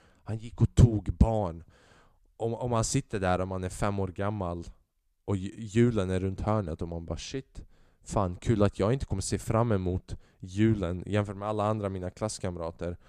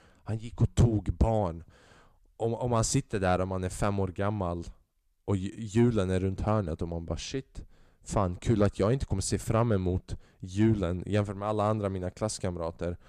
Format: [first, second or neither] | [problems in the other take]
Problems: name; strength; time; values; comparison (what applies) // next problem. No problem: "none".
first | distortion; slight; 10 dB below the speech